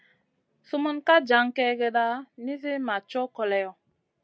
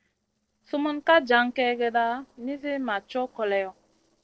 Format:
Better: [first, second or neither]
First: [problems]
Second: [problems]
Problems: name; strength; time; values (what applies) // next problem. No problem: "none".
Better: first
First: none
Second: noise reduction (neural separator model SepFormer DNS4)